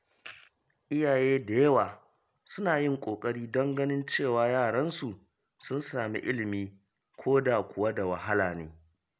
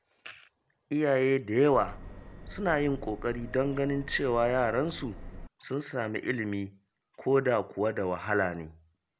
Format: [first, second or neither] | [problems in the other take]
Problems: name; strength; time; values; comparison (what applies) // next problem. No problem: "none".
first | background sound (Subway, metro, underground); 13 dB below the speech